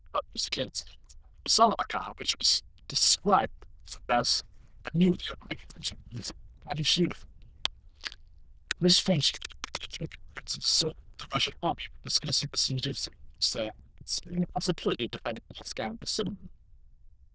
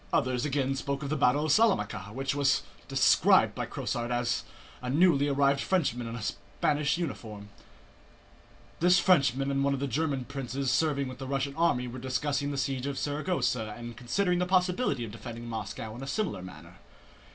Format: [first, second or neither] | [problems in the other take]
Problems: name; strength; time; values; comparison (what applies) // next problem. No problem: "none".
second | noise reduction (neural diffusion model UNIVERSE++)